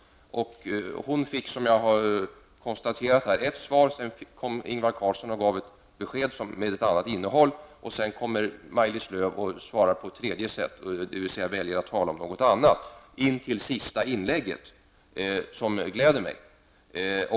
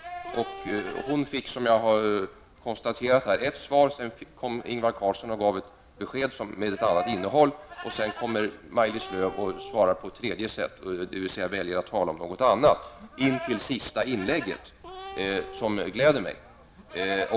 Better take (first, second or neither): first